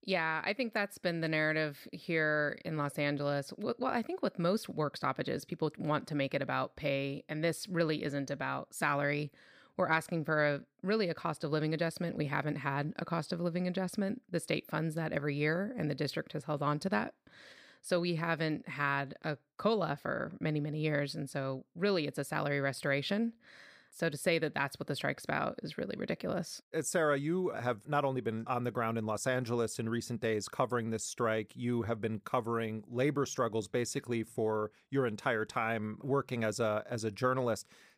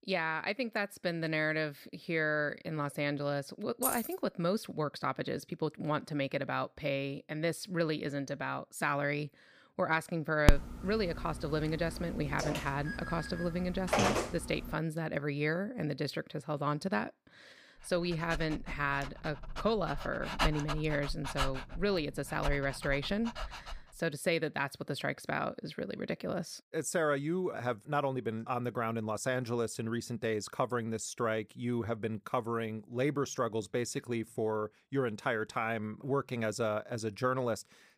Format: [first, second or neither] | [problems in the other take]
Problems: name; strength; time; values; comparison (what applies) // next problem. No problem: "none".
first | jangling keys; loud; at 4 s; peak level with the speech // phone ringing; loud; from 10 to 14 s; peak 5 dB above the speech // dog barking; loud; from 18 to 24 s; peak 1 dB above the speech